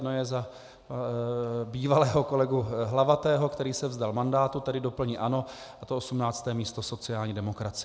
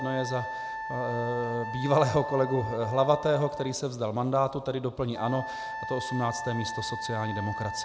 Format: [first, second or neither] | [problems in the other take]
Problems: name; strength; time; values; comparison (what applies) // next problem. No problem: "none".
first | background sound (Wind instrument, woodwind instrument); 8 dB below the speech